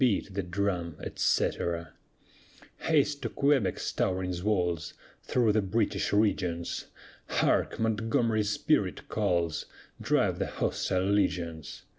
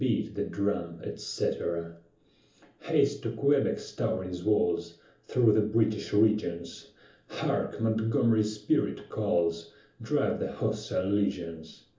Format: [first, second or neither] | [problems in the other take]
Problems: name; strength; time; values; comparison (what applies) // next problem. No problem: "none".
first | room echo; dies away in 0.8 s